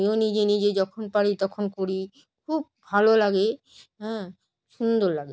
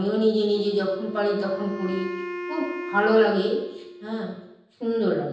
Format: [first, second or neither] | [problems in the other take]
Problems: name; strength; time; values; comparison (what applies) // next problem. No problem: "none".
first | background sound (Wind instrument, woodwind instrument); 12 dB below the speech // room echo; dies away in 0.9 s